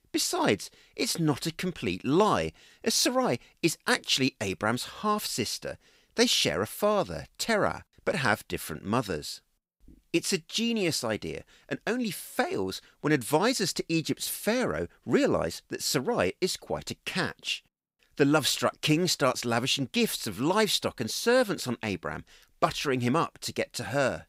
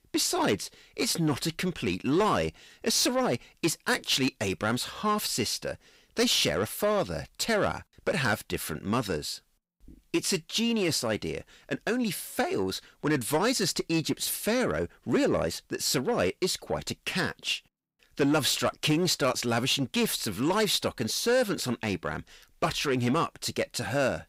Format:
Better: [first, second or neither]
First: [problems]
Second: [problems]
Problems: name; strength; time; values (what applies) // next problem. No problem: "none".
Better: first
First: none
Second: distortion; slight; 10 dB below the speech